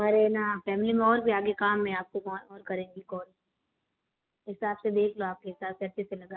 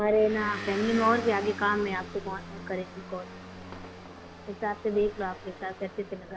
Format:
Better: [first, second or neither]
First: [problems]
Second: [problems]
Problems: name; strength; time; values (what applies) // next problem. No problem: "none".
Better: first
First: none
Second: background sound (Motor vehicle (road) / Engine); 11 dB below the speech